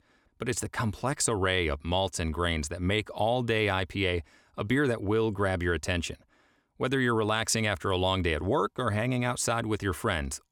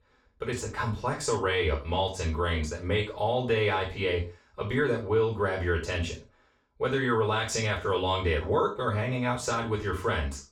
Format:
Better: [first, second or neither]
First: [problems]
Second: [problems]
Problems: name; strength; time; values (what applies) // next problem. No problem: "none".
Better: first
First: none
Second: room echo; noticeable; dies away in 0.3 s // off-mic speech; far